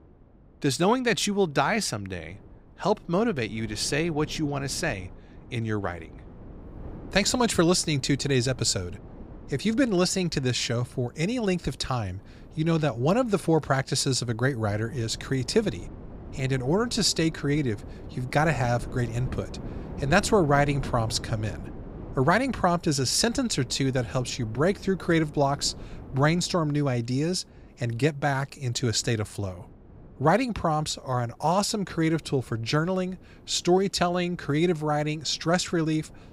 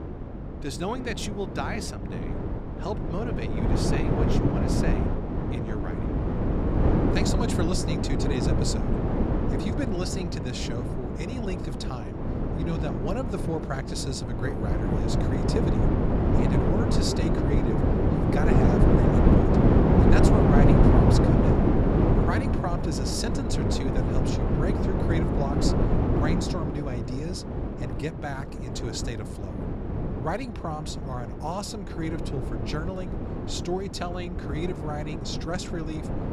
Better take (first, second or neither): first